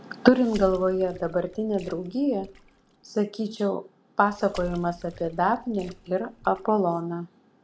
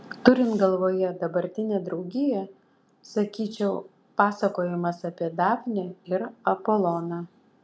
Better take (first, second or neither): second